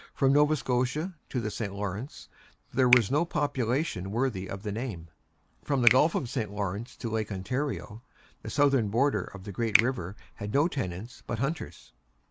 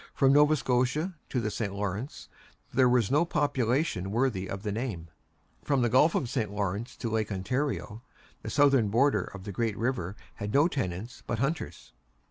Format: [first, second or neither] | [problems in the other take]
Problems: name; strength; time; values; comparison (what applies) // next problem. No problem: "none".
second | background sound (Finger snapping); 7 dB below the speech